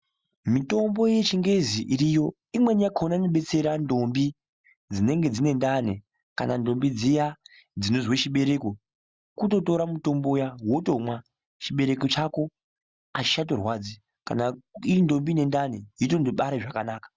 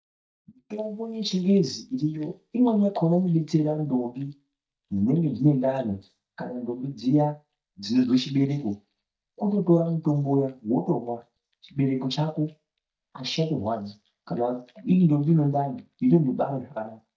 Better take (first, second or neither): first